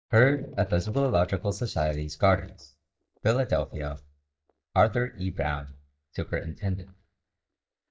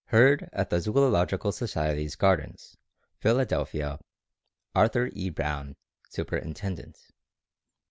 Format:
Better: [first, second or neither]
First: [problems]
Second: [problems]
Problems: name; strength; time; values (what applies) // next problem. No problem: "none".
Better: second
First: noise reduction (neural mask model DeepFilterNet 3)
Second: none